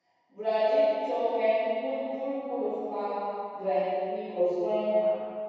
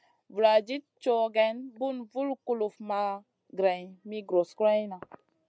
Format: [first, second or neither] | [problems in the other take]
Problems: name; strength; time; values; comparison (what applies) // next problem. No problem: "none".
second | room echo; dies away in 2.2 s